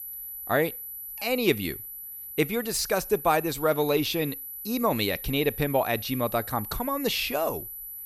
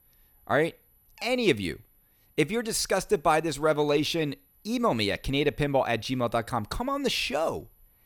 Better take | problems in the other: second | high-pitched whine; loud; throughout; 12 kHz, 9 dB below the speech; faint in the second

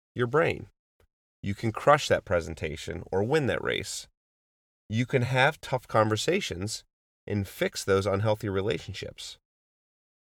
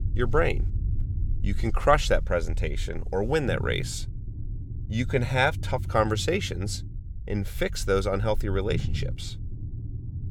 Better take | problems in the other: first | low rumble; faint; throughout; 20 dB below the speech

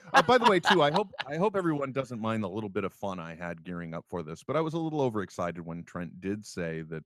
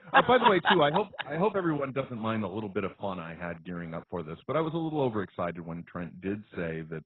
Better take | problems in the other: first | garbled, watery; badly; nothing above 4 kHz

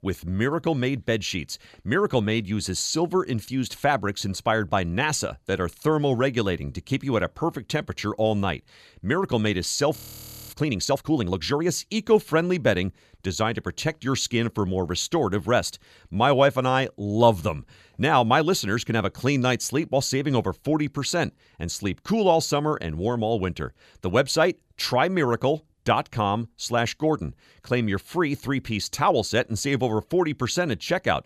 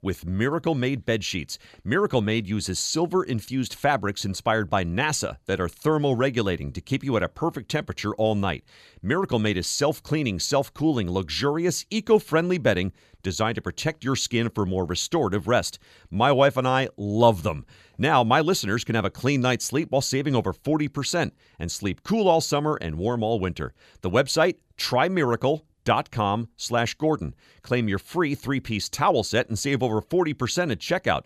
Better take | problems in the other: second | audio freezing; at 10 s for 0.5 s

